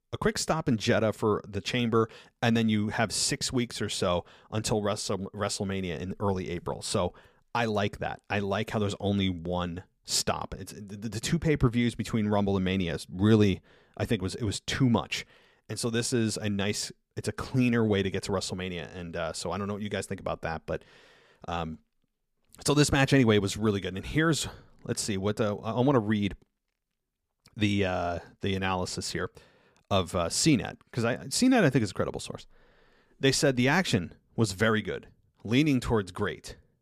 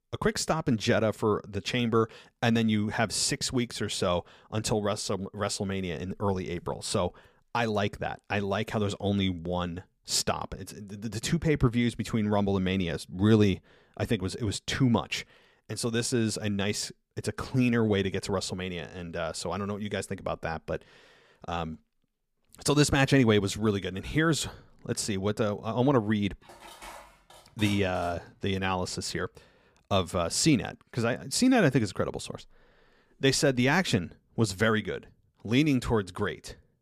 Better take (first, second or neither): first